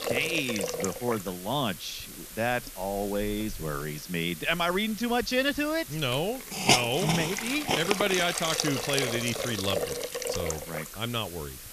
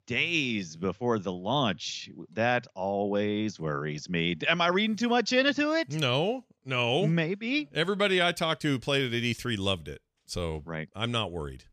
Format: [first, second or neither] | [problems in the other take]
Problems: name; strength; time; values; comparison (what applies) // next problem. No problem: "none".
second | hiss; loud; throughout; 2 dB below the speech